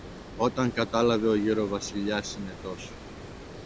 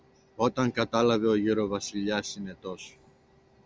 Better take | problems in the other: second | background sound (Water); 13 dB below the speech

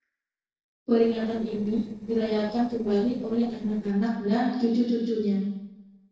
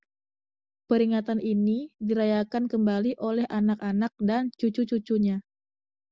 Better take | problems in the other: second | noise reduction (neural separator model SepFormer DNS4)

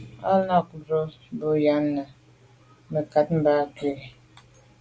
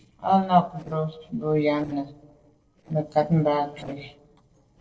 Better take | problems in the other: first | noise reduction (neural separator model SepFormer DNS4)

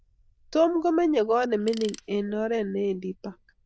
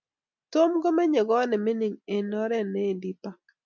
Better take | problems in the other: second | noise reduction (neural diffusion model UNIVERSE++)

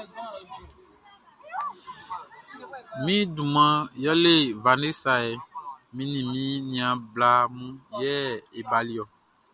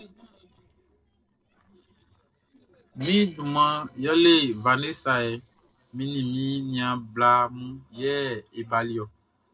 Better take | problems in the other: first | noise reduction (neural separator model SepFormer DNS4)

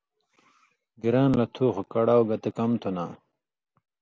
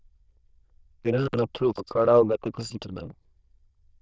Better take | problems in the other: first | noise reduction (neural diffusion model UNIVERSE++)

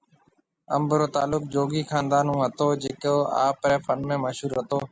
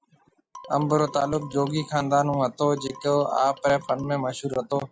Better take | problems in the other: first | noise reduction (classical method log-MMSE)

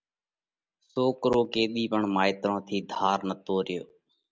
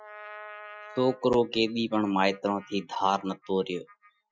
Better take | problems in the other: first | noise reduction (classical method Wiener filter)

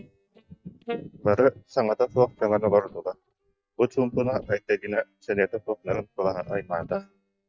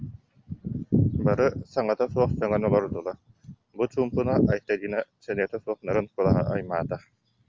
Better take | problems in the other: second | noise reduction (neural mask model DeepFilterNet 3)

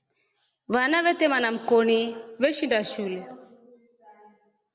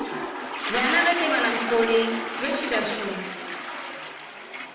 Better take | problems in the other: first | background sound (Toilet flush); 3 dB below the speech // room echo; dies away in 0.8 s

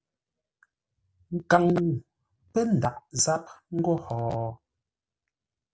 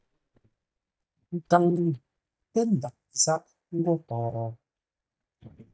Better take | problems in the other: first | noise reduction (neural mask model DeepFilterNet 3)

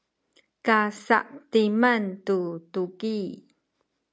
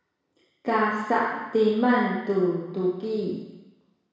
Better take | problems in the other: first | room echo; dies away in 1.1 s

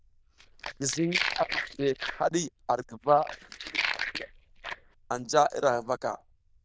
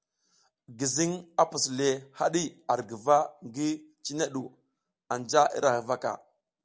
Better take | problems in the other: second | noise reduction (neural diffusion model UNIVERSE++)

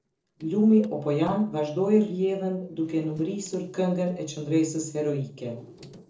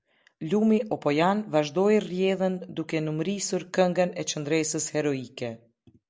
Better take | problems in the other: second | noise reduction (neural separator model SepFormer DNS4)

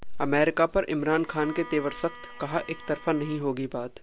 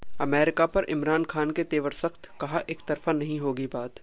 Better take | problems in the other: second | background sound (Bowed string instrument); 19 dB below the speech

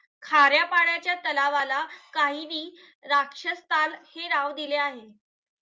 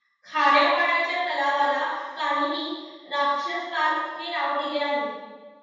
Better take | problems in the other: first | room echo; dies away in 1.2 s

